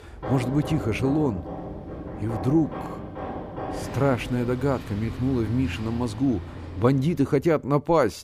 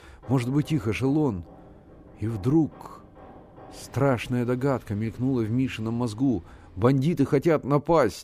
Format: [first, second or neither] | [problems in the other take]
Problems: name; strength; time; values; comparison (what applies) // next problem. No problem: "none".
second | machinery noise; loud; until 6.5 s; 10 dB below the speech; faint in the second